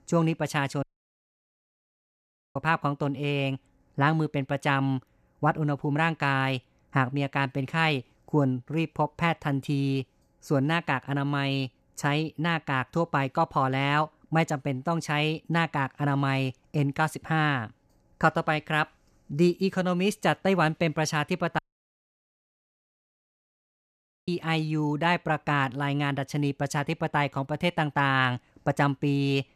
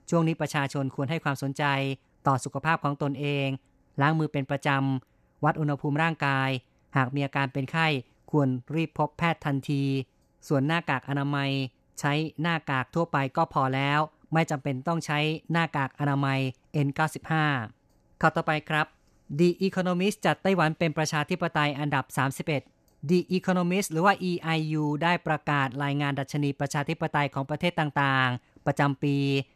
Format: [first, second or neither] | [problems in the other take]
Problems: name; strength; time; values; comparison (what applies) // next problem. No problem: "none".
second | audio cutting out; at 1 s for 1.5 s and at 22 s for 2.5 s